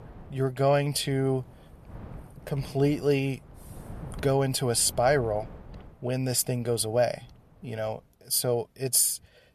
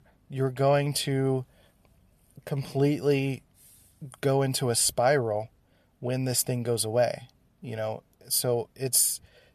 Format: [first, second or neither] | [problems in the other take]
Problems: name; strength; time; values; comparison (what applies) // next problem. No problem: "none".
second | wind noise on the microphone; occasional gusts; until 8 s; 25 dB below the speech